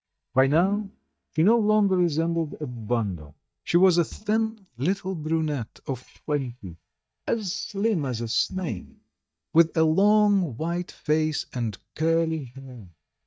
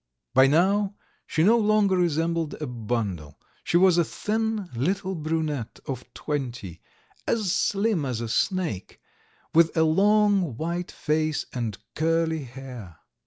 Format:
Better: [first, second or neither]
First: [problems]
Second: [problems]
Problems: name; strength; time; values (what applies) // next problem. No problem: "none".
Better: second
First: noise reduction (neural mask model DeepFilterNet 3)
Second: none